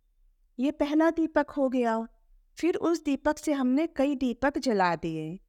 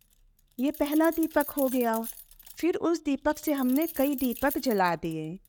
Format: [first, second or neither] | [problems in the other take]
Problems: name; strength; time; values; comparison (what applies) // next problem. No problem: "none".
first | jangling keys; noticeable; from 0.5 s on; peak 7 dB below the speech